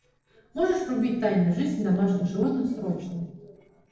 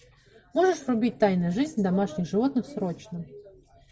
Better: second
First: noise reduction (neural separator model SepFormer DNS4)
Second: none

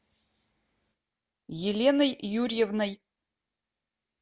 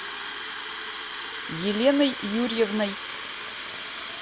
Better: first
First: none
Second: background sound (Fill (with liquid) / Water tap, faucet); 7 dB below the speech

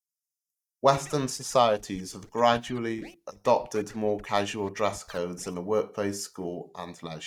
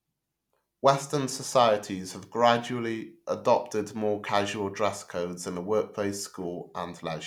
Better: second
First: noise reduction (neural mask model DeepFilterNet 3)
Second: none

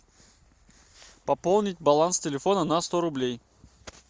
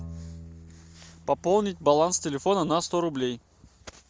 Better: first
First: none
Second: background sound (Bowed string instrument); 19 dB below the speech

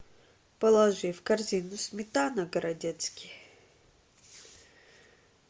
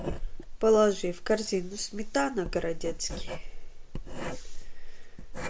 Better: first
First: none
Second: background sound (Writing); 4 dB below the speech

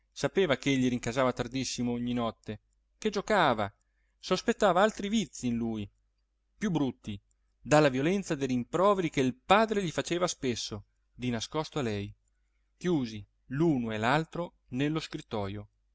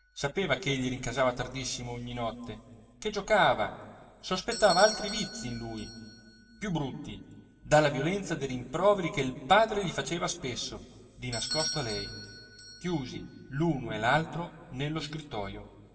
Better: first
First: none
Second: background sound (Bell / Doorbell); 14 dB below the speech // room echo; dies away in 2.9 s

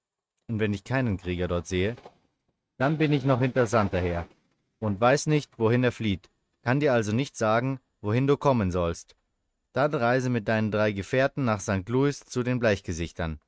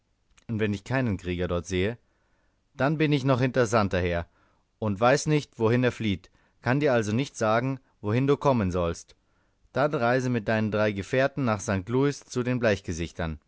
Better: second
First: noise reduction (neural mask model RNNoise)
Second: none

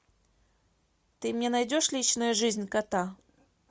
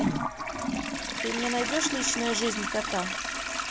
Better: first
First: none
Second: background sound (Toilet flush); 1 dB above the speech

